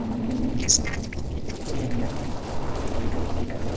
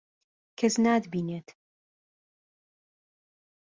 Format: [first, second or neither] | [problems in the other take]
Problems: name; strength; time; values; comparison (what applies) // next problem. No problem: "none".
second | noise reduction (neural separator model SepFormer DNS4)